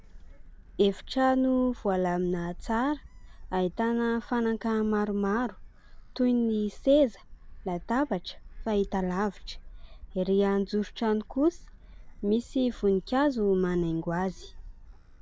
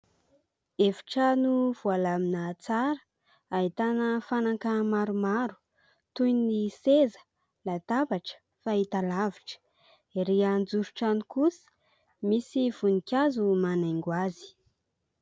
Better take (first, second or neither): second